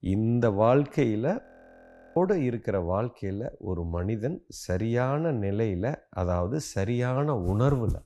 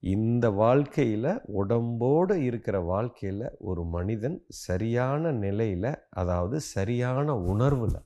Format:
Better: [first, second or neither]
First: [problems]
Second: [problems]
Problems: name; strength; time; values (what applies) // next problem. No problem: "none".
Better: second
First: audio freezing; at 1.5 s for 0.5 s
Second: none